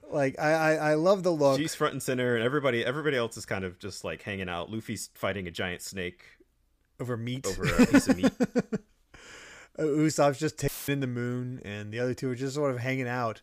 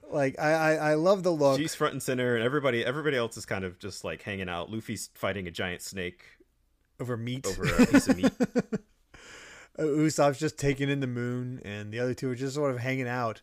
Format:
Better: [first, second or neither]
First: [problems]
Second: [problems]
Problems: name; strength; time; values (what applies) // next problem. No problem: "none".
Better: second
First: audio cutting out; filled with static; at 11 s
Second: none